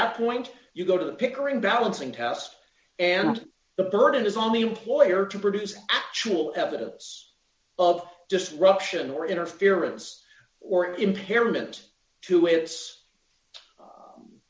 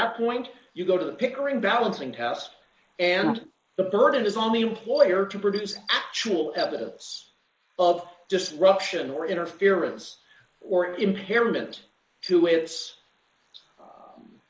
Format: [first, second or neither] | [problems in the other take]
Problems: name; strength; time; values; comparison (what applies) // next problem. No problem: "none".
first | noise reduction (neural mask model Resemble Enhance denoiser)